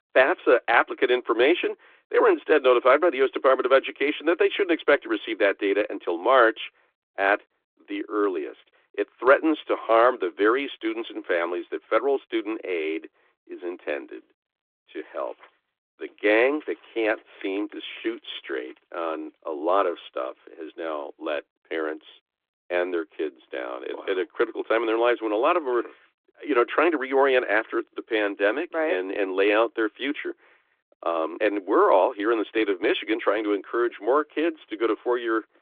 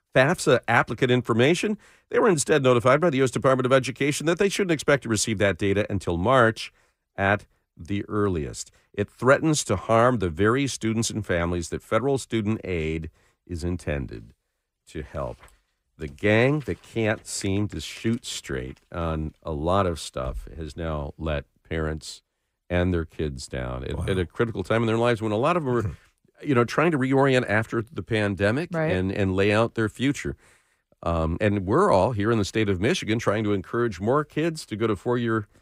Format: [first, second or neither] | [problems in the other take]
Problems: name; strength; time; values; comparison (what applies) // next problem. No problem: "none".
second | phone-call audio; nothing above 3.5 kHz